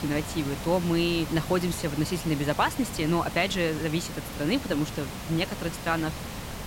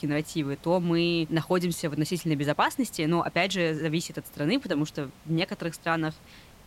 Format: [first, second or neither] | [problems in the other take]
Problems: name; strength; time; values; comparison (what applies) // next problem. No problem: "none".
second | hiss; loud; throughout; 8 dB below the speech; faint in the second